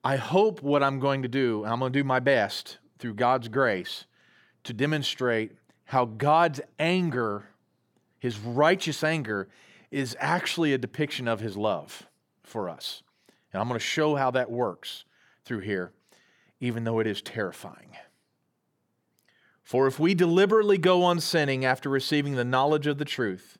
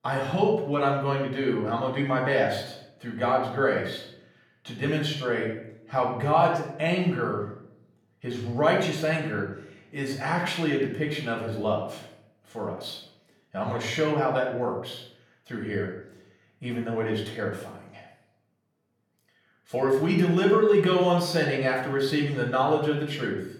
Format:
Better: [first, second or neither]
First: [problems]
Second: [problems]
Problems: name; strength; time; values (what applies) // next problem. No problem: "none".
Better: first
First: none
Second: room echo; noticeable; dies away in 0.6 s // off-mic speech; far